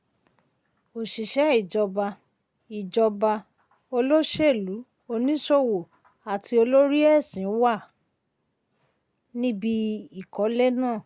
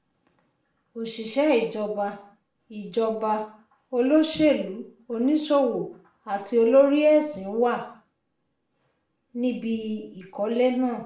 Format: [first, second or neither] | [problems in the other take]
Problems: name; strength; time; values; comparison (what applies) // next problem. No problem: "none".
first | room echo; dies away in 0.5 s